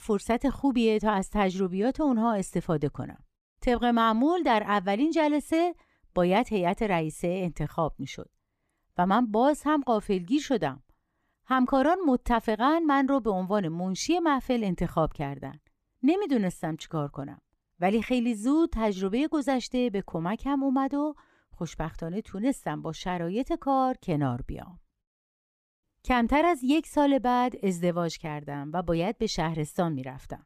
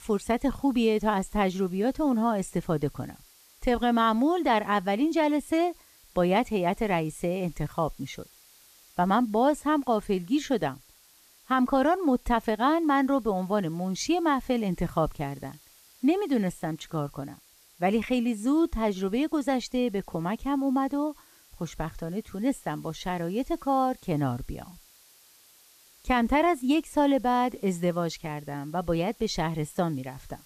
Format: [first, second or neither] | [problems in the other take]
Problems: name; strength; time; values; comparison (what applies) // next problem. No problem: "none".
first | hiss; faint; throughout; 25 dB below the speech